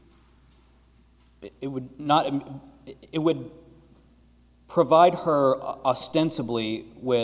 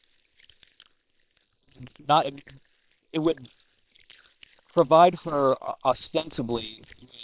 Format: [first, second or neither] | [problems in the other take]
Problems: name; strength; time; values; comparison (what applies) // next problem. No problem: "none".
first | noise reduction (neural separator model SepFormer WHAM!)